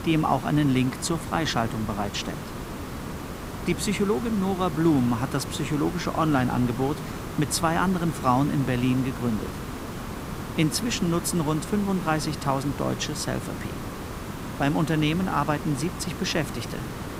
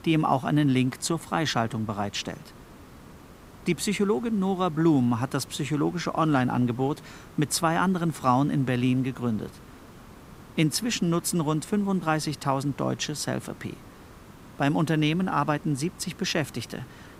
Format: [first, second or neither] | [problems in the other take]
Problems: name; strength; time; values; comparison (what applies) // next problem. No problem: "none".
second | hiss; loud; throughout; 9 dB below the speech; faint in the second